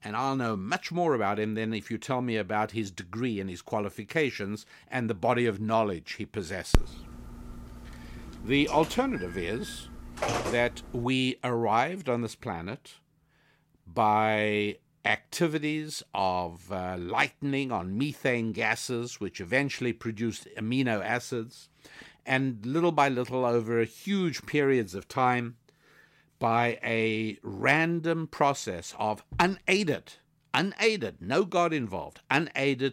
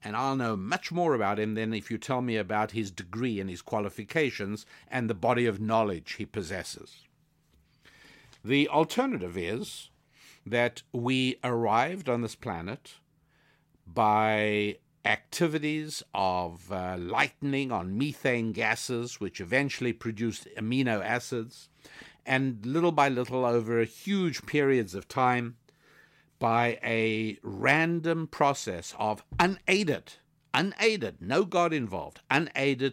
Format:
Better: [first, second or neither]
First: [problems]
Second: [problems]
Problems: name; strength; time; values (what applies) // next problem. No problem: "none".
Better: second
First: phone ringing; noticeable; from 6.5 to 11 s; peak 1 dB below the speech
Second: none